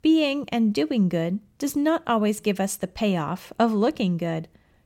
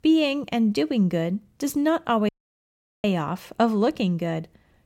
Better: first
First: none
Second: audio cutting out; at 2.5 s for 1 s

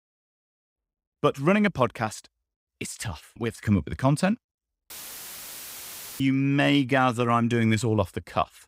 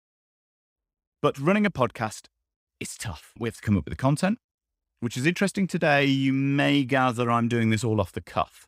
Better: second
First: audio cutting out; filled with static; at 5 s for 1.5 s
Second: none

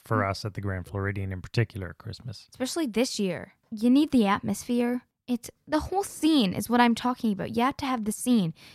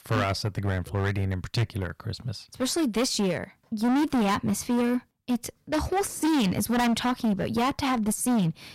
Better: first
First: none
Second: distortion; heavy; 17% of the sound clipped

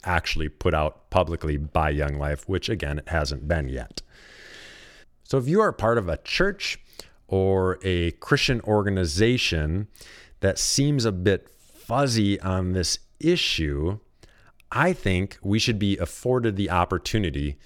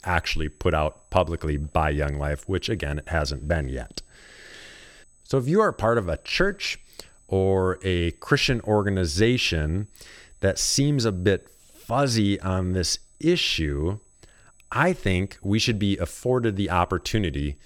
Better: first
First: none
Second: high-pitched whine; faint; throughout; 8 kHz, 35 dB below the speech

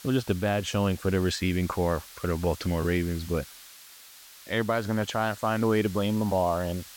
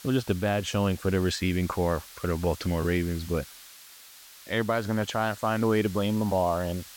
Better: neither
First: hiss; noticeable; throughout; 15 dB below the speech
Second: hiss; noticeable; throughout; 15 dB below the speech

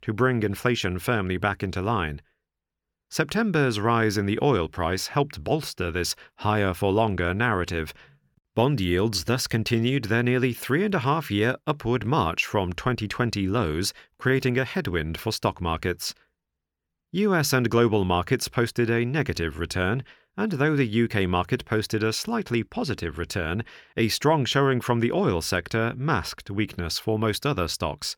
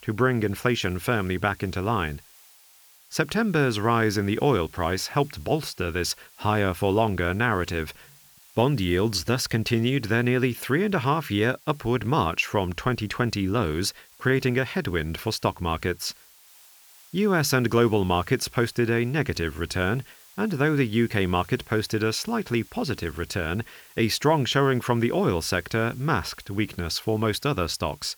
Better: first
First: none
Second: hiss; faint; throughout; 25 dB below the speech

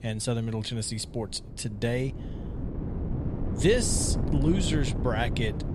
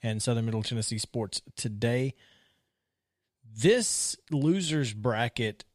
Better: second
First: wind noise on the microphone; heavy; 8 dB below the speech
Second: none

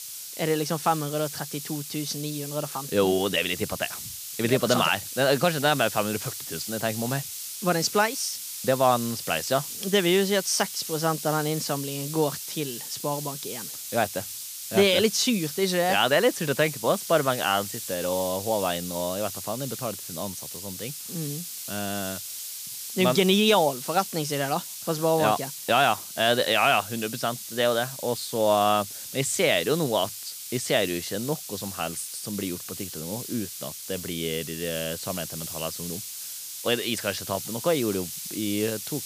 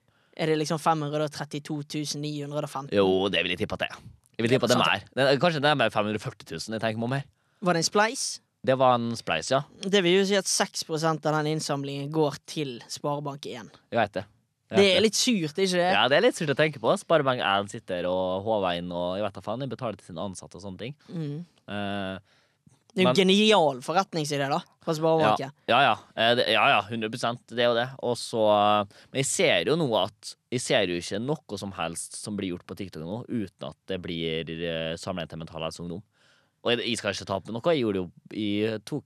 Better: second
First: hiss; loud; throughout; 8 dB below the speech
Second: none

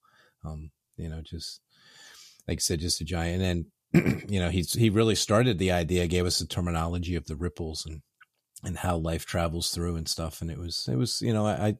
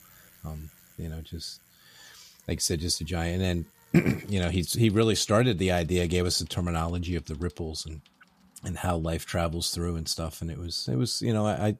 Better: first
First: none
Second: traffic noise; faint; throughout; 30 dB below the speech

